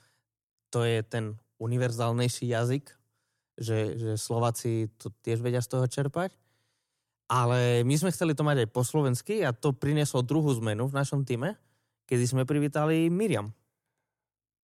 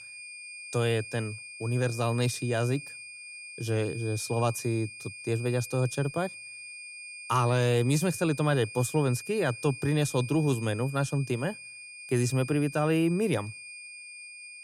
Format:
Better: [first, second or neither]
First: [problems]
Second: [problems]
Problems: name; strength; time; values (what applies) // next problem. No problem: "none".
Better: first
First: none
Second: high-pitched whine; noticeable; throughout; 2.5 kHz, 15 dB below the speech